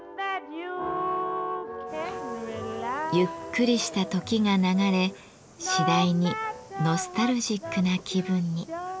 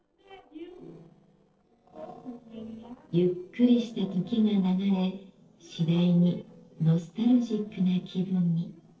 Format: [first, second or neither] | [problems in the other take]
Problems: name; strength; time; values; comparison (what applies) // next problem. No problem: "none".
first | noise reduction (neural separator model SepFormer DNS4)